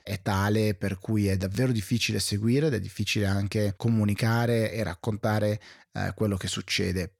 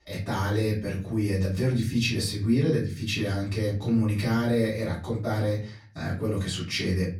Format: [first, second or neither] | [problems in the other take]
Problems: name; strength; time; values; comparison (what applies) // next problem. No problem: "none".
first | off-mic speech; far // room echo; slight; dies away in 0.4 s